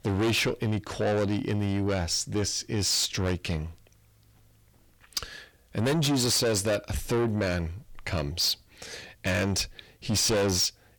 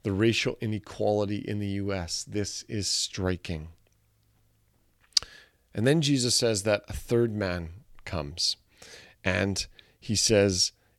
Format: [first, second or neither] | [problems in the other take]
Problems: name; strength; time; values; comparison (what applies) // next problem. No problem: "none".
second | distortion; heavy; 6 dB below the speech